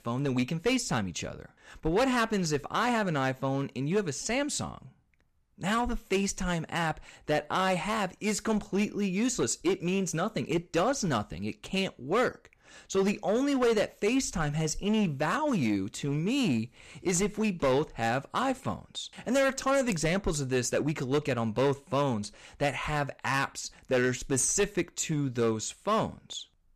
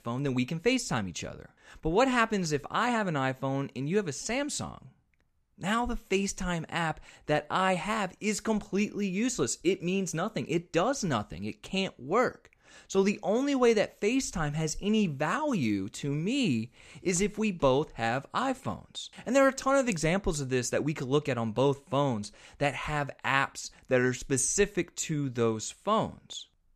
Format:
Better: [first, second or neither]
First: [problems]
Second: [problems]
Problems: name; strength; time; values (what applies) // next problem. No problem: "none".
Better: second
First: distortion; slight; 6% of the sound clipped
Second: none